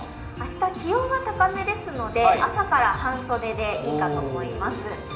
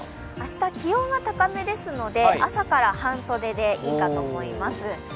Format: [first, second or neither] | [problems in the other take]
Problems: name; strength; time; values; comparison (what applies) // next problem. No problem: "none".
second | room echo; dies away in 1.6 s